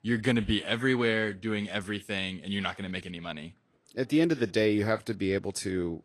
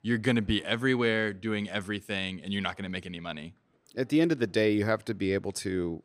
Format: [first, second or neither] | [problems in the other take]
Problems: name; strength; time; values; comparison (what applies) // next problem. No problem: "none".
second | garbled, watery; slightly